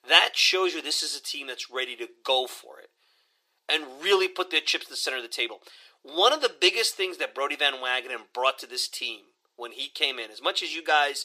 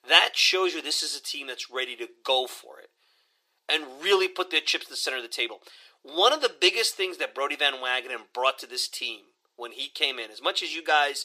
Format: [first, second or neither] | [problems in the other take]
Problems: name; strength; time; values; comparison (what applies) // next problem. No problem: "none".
neither | thin; very; fading below 400 Hz; the same in both